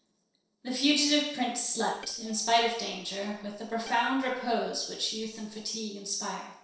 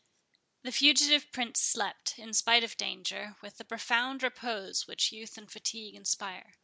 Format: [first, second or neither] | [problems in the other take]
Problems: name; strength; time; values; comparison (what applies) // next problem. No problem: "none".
second | noise reduction (neural separator model SepFormer DNS4)